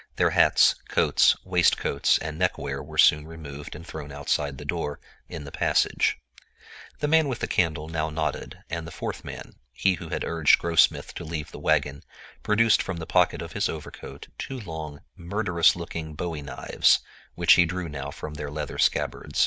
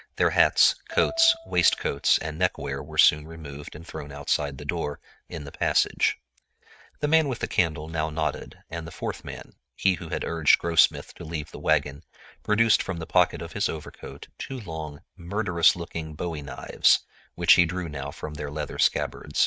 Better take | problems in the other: first | noise reduction (neural mask model RNNoise)

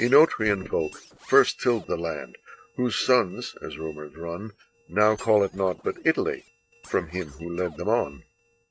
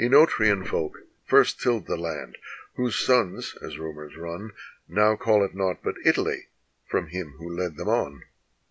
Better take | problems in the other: second | noise reduction (neural mask model RNNoise)

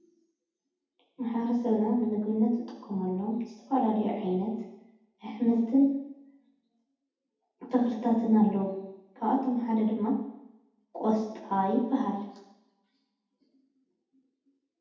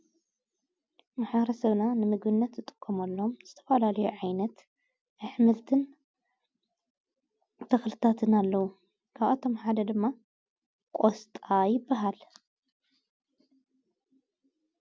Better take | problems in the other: second | room echo; dies away in 0.8 s

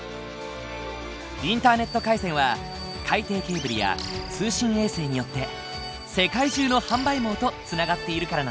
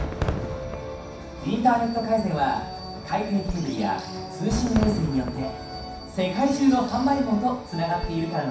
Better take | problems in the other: first | background sound (Fireworks); 9 dB below the speech // room echo; dies away in 0.7 s

